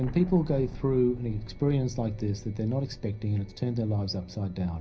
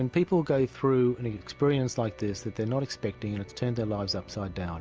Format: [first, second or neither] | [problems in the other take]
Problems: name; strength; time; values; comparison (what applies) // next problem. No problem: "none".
second | background sound (Explosion); 15 dB below the speech // room echo; dies away in 0.5 s